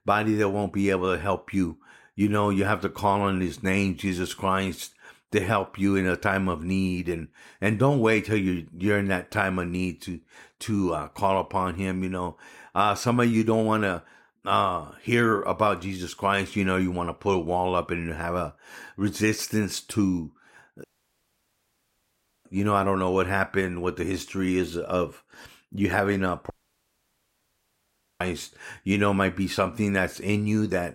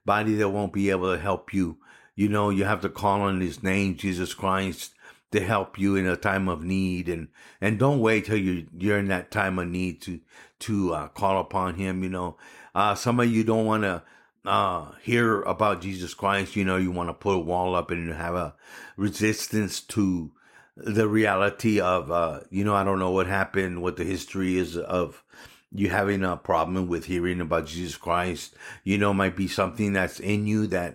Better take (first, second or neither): second